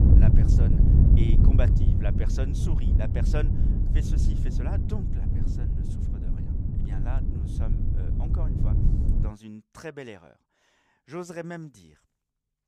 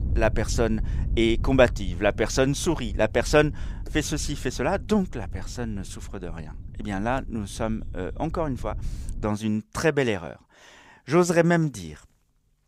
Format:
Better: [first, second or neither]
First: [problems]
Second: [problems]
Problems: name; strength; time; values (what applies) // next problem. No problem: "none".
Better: second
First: wind noise on the microphone; heavy; until 9.5 s; 2 dB above the speech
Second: wind noise on the microphone; occasional gusts; until 9.5 s; 25 dB below the speech